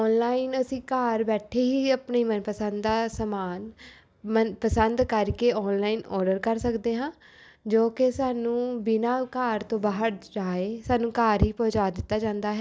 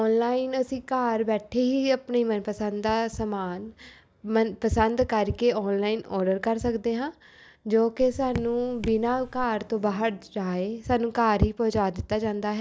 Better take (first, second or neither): first